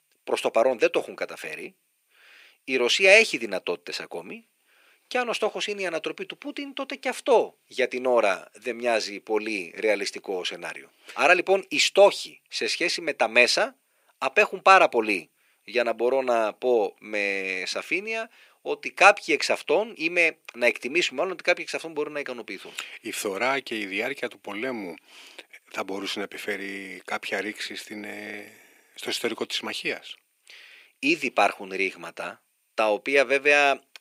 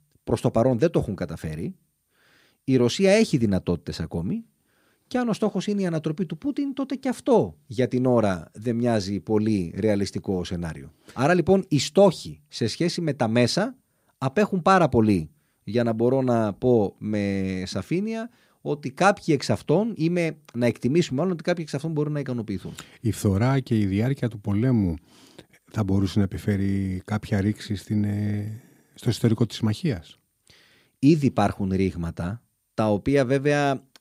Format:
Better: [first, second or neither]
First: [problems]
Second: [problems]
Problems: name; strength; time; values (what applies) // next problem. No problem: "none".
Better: second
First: thin; very; fading below 450 Hz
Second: none